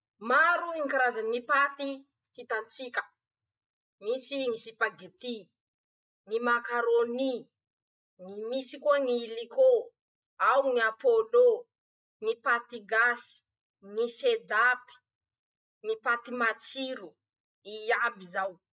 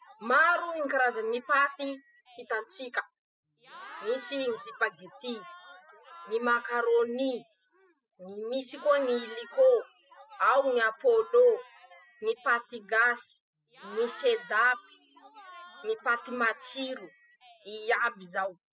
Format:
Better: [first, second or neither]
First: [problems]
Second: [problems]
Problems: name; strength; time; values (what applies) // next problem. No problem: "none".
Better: first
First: none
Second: noise reduction (classical method spectral subtraction)